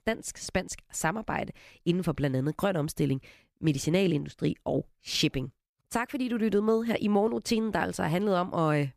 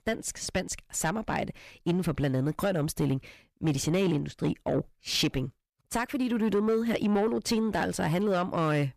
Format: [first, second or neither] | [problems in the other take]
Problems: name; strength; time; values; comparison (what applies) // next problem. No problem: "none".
first | distortion; slight; 10 dB below the speech